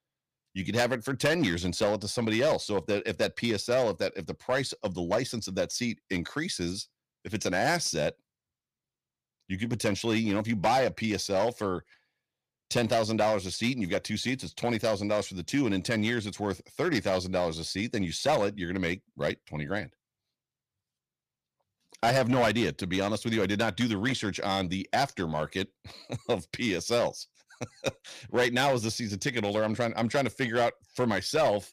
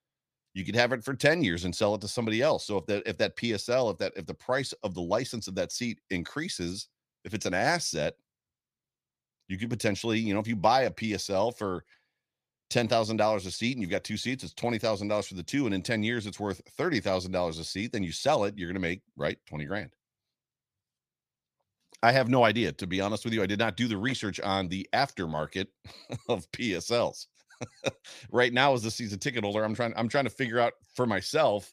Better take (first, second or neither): second